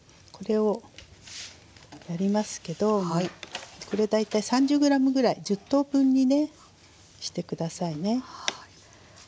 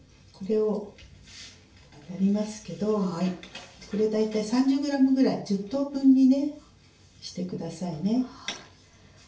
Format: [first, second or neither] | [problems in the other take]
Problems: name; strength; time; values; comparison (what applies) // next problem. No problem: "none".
first | room echo; dies away in 0.4 s